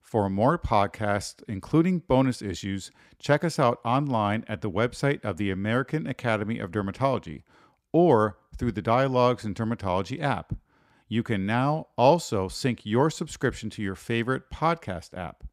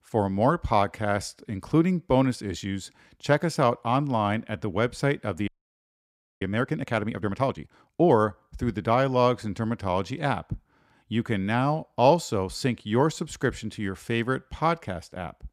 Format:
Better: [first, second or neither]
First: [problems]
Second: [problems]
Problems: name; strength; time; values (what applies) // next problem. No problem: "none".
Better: first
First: none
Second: audio freezing; at 5.5 s for 1 s